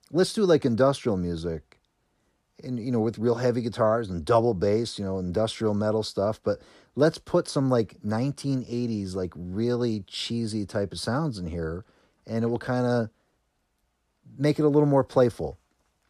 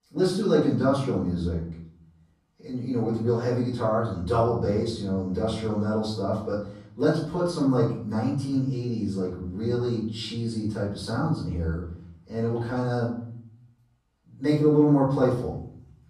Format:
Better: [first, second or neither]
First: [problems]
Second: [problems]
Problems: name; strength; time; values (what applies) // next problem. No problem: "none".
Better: first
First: none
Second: room echo; noticeable; dies away in 0.7 s // off-mic speech; far